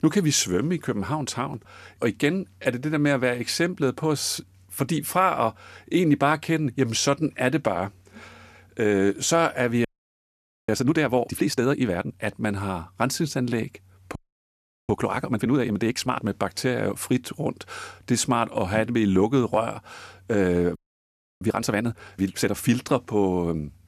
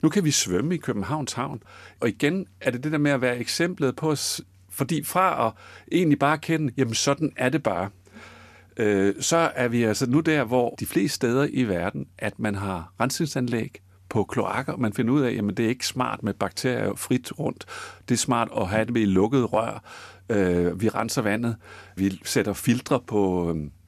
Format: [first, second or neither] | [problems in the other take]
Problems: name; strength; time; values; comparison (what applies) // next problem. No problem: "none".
second | audio freezing; at 10 s for 1 s, at 14 s for 0.5 s and at 21 s for 0.5 s